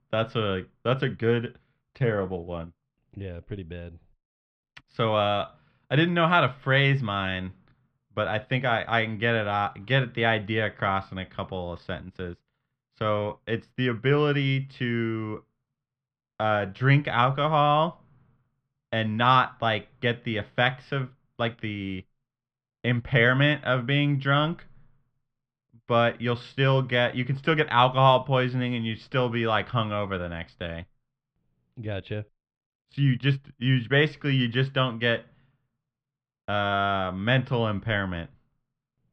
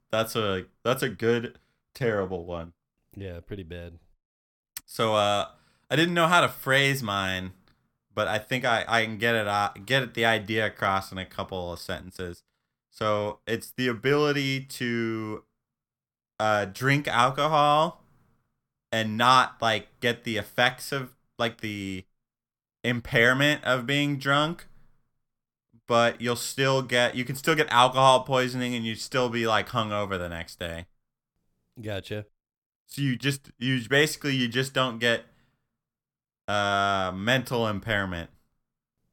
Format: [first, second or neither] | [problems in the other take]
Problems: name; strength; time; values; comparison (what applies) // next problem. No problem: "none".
second | muffled; very; fading above 3 kHz